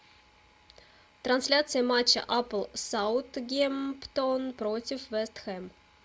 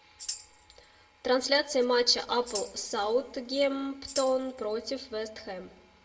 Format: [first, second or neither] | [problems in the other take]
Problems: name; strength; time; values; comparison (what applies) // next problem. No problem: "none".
first | background sound (Tambourine); 14 dB below the speech // room echo; dies away in 0.9 s